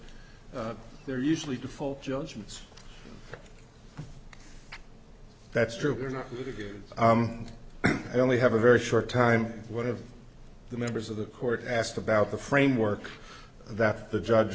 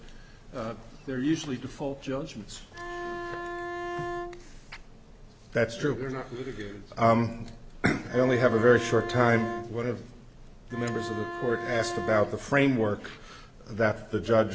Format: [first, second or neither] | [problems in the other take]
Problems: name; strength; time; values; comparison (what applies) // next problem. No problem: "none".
first | background sound (Bowed string instrument); 7 dB below the speech